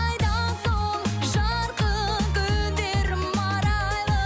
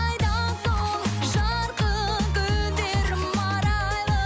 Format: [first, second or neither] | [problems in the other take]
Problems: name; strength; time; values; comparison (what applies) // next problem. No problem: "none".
first | background sound (Writing); 18 dB below the speech